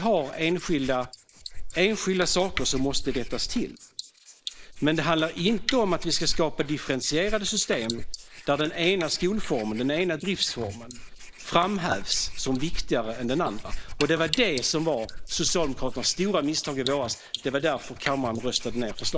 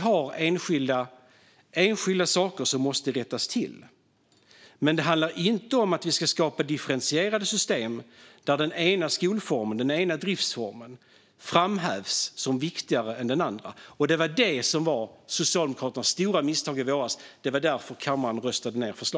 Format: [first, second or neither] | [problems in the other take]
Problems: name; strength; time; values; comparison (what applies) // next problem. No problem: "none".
second | noise reduction (neural mask model Resemble Enhance denoiser)